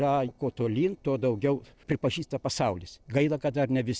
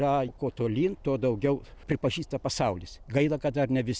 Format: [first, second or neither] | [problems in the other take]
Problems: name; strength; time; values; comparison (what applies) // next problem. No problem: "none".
second | noise reduction (neural separator model SepFormer DNS4)